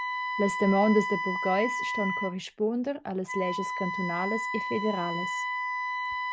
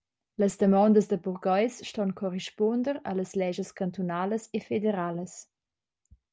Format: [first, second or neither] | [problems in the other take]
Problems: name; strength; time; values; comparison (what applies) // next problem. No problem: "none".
second | background sound (Wind instrument, woodwind instrument); 3 dB below the speech